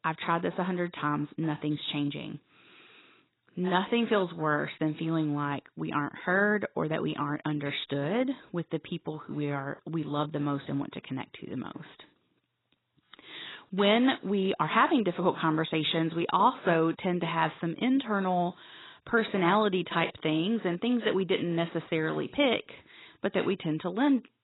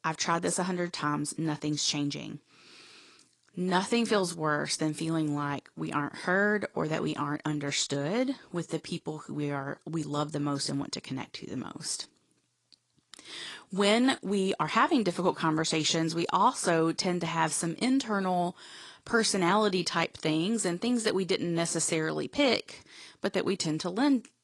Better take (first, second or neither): second